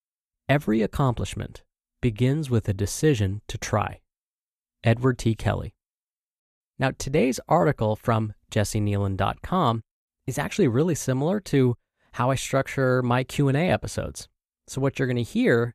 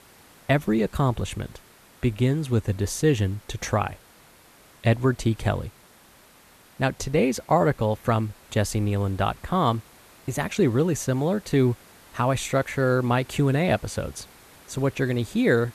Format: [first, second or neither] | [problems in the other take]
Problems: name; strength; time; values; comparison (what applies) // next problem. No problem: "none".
first | hiss; faint; throughout; 25 dB below the speech